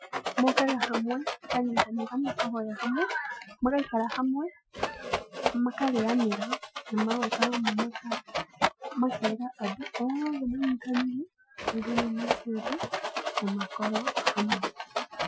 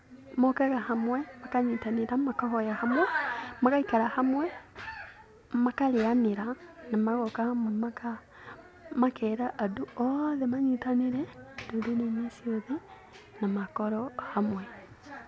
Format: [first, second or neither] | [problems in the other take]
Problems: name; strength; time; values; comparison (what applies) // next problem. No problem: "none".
second | noise reduction (classical method Wiener filter)